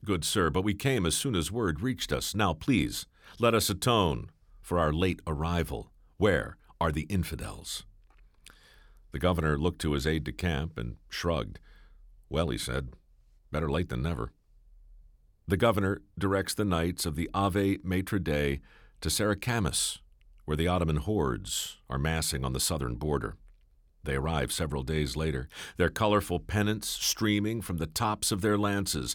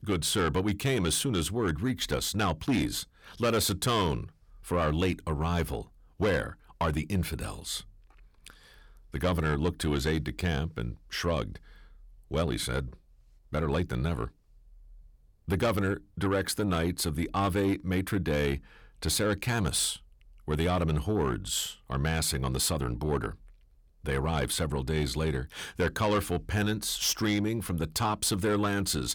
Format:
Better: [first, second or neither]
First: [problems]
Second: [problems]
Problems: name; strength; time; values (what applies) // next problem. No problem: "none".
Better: first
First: none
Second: distortion; slight; 10 dB below the speech